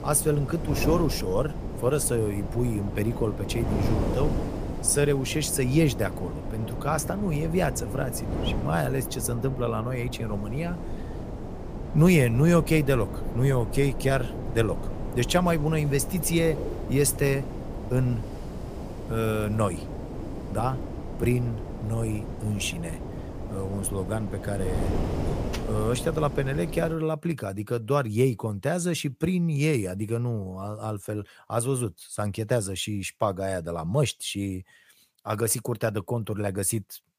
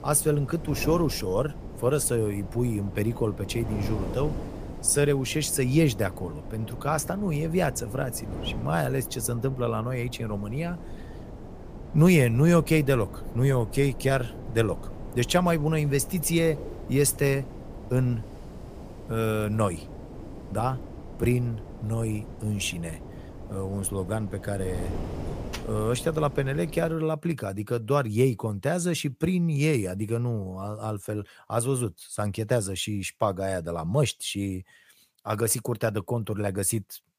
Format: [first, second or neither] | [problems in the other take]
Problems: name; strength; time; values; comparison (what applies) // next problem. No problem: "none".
second | wind noise on the microphone; heavy; until 27 s; 9 dB below the speech; occasional gusts in the second